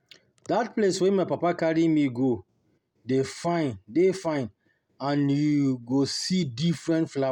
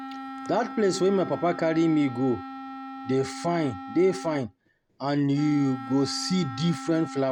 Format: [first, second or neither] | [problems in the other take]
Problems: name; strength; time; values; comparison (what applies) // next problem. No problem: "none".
first | background sound (Wind instrument, woodwind instrument); 12 dB below the speech